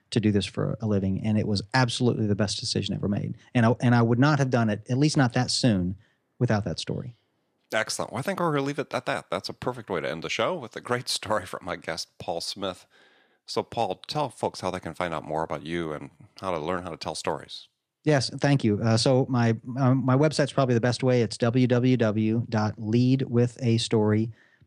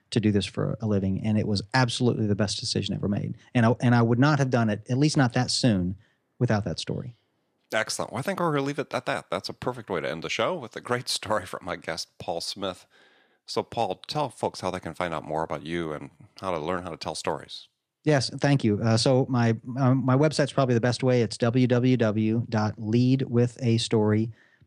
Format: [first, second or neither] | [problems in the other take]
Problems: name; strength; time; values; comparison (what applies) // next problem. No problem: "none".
neither | none